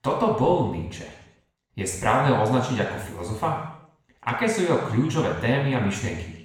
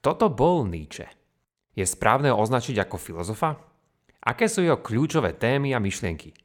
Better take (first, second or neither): second